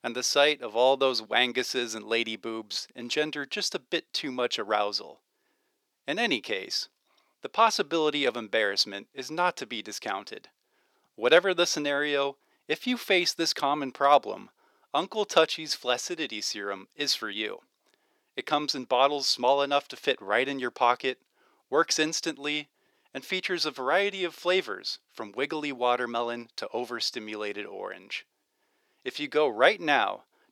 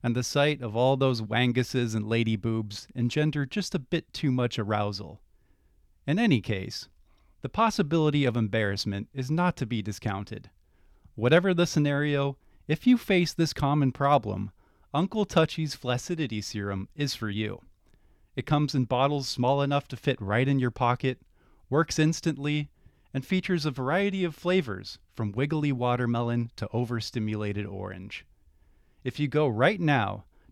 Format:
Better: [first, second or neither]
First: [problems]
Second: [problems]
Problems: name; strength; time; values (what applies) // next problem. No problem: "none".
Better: second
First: thin; very; fading below 400 Hz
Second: none